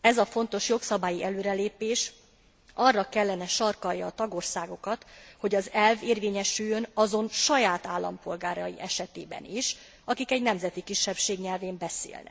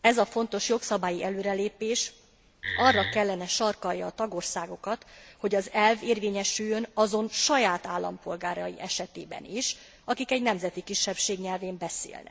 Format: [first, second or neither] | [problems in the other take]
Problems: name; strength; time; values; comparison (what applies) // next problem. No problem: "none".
first | background sound (Wood); 2 dB below the speech